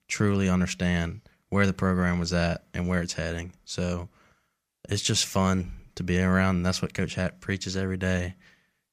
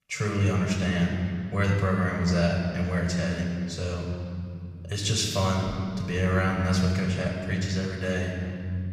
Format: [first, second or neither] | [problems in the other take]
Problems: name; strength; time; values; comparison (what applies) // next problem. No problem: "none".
first | off-mic speech; far // room echo; noticeable; dies away in 3 s